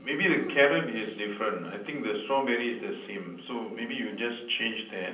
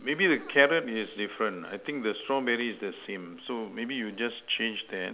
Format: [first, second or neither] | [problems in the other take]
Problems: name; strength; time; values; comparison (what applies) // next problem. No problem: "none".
second | room echo; dies away in 0.6 s